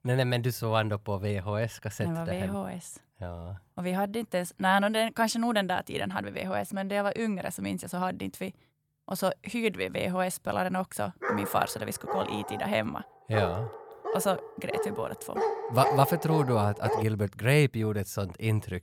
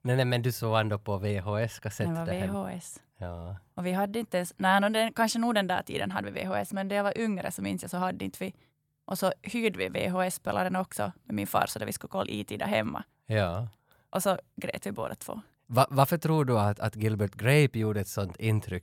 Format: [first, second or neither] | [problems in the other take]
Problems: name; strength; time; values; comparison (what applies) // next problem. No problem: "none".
second | dog barking; loud; from 11 to 17 s; peak 1 dB above the speech